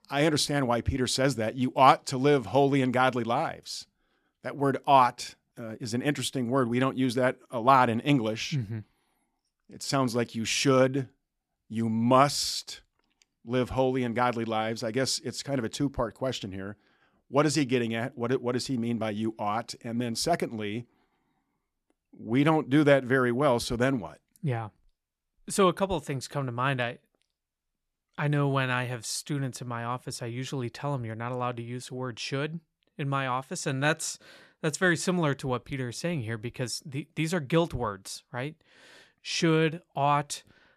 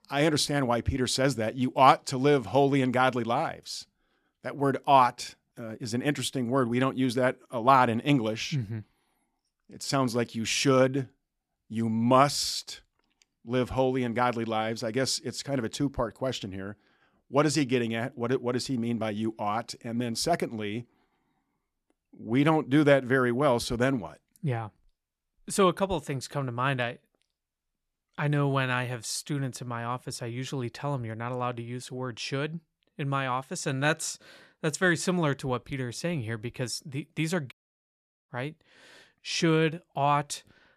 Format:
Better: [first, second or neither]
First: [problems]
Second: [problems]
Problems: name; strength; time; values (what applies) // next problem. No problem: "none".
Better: first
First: none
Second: audio cutting out; at 38 s for 1 s